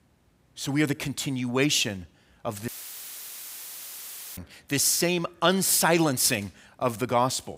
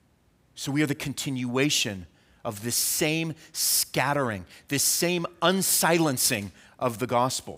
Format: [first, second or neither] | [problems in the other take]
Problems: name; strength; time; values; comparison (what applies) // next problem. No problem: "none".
second | audio cutting out; filled with static; at 2.5 s for 1.5 s